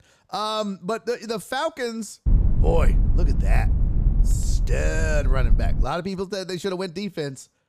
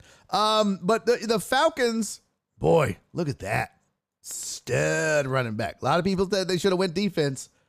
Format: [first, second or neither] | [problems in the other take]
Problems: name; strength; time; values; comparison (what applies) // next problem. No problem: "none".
second | low rumble; noticeable; from 2.5 to 6 s; 10 dB below the speech